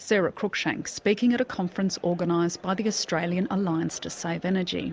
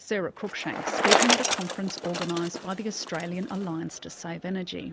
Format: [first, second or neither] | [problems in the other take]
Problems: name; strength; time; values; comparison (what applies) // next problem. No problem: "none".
first | background sound (Bicycle); 2 dB above the speech